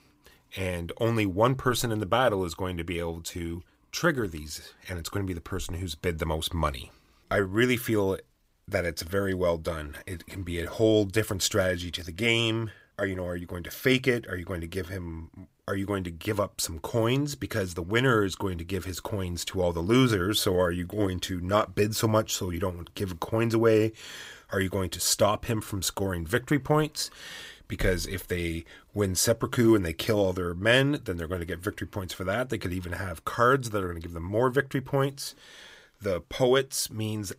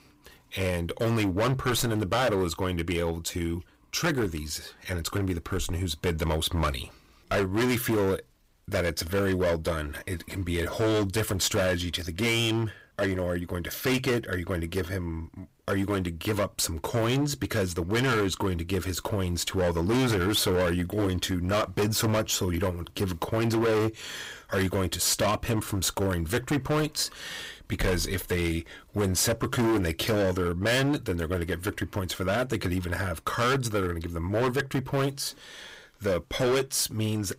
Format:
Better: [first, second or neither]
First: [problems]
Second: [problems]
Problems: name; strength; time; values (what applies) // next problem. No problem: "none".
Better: first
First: none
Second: distortion; heavy; 13% of the sound clipped